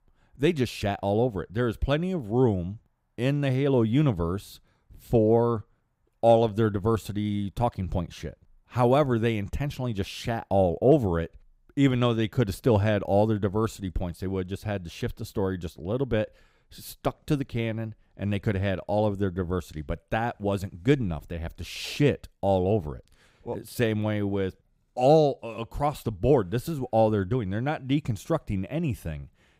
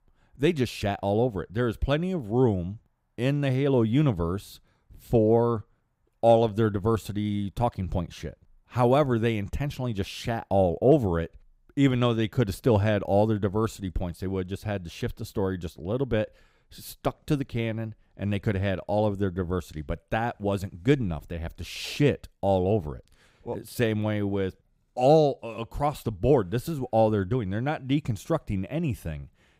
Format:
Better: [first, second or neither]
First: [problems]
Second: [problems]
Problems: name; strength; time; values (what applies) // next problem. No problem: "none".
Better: neither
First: none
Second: none